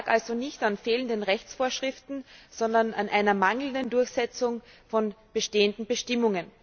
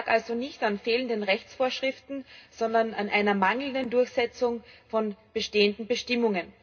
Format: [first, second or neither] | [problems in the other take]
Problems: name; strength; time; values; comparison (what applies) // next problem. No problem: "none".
first | room echo; dies away in 0.2 s